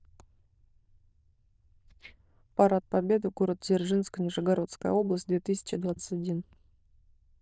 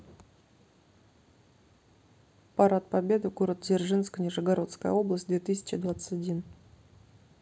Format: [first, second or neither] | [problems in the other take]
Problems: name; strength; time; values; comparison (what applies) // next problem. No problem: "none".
second | noise reduction (neural diffusion model UNIVERSE++)